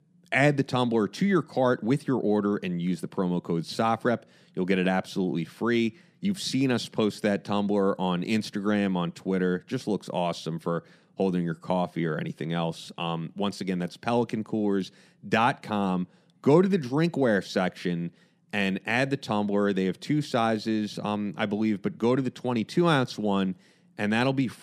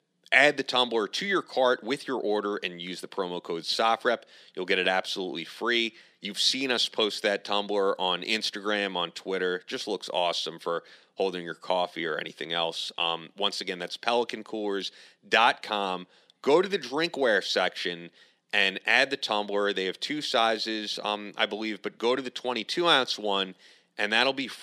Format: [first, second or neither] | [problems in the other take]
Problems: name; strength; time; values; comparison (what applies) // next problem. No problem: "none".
first | thin; somewhat; fading below 450 Hz